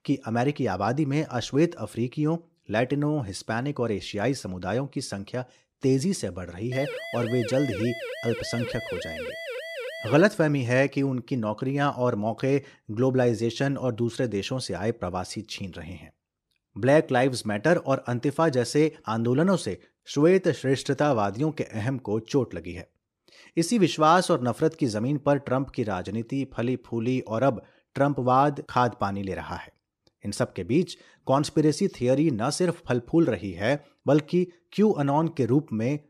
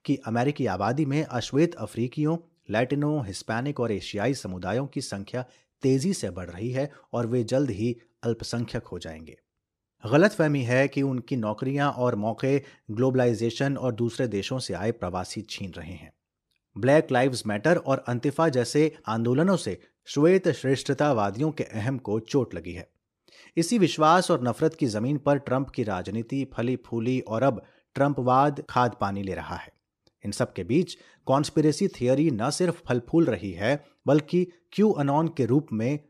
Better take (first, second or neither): second